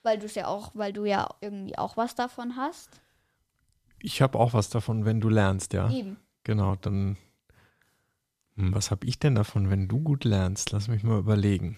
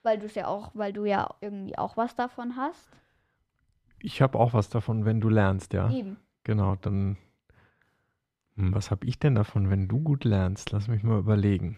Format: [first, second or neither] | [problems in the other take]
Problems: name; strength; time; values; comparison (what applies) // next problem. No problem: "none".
first | muffled; slightly; fading above 4 kHz